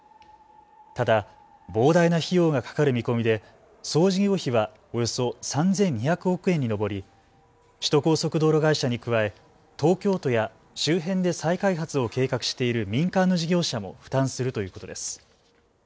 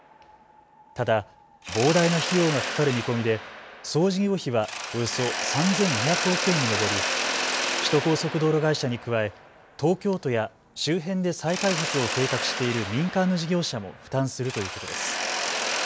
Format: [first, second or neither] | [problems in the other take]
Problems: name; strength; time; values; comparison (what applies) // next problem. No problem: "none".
first | background sound (Mechanisms); 5 dB below the speech